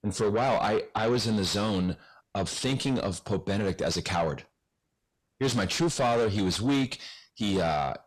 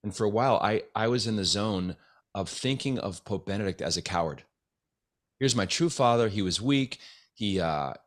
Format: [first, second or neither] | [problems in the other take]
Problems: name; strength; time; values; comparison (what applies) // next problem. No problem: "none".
second | distortion; heavy; 6 dB below the speech